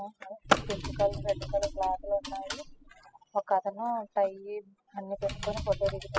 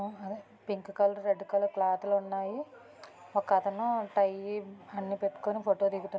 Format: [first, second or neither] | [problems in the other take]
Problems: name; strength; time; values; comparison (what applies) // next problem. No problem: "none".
second | noise reduction (classical method spectral subtraction)